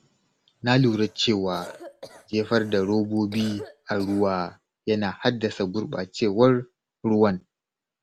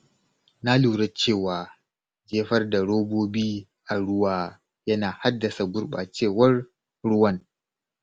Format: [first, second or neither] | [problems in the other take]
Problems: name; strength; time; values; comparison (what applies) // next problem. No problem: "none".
second | background sound (Cough); 20 dB below the speech